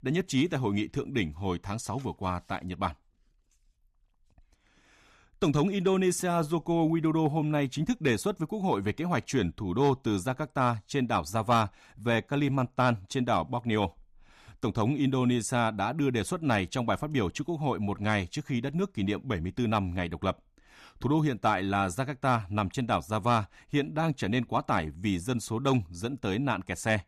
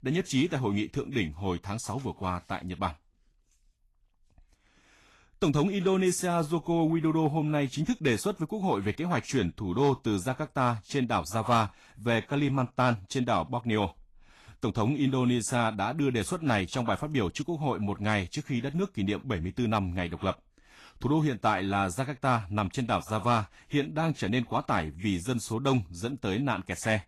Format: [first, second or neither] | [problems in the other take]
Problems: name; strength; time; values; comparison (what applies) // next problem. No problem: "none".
first | garbled, watery; slightly; nothing above 12 kHz